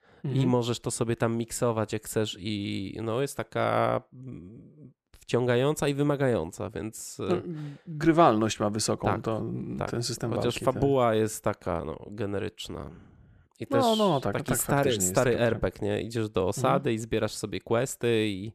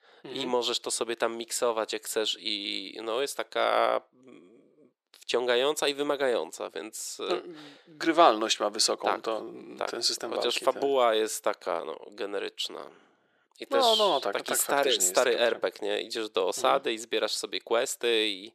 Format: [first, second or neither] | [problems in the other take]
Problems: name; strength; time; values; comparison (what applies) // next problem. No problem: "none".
first | thin; very; fading below 400 Hz